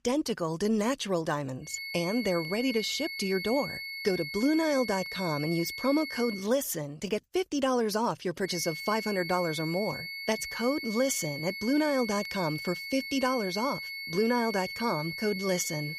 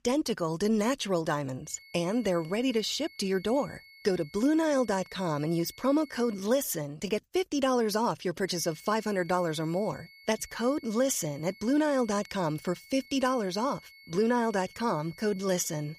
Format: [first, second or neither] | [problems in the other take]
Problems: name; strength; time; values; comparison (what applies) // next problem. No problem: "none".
second | high-pitched whine; loud; from 1.5 to 6.5 s and from 8.5 s on; 2 kHz, 6 dB below the speech; faint in the second